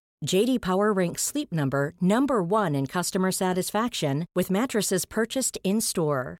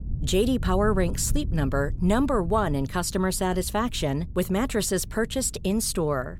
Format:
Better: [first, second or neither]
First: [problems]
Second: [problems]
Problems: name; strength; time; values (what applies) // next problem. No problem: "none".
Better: first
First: none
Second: low rumble; faint; throughout; 20 dB below the speech